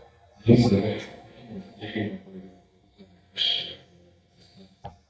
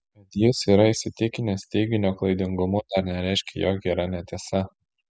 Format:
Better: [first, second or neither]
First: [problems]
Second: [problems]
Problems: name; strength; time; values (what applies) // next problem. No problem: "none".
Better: second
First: noise reduction (neural mask model DeepFilterNet 3)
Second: none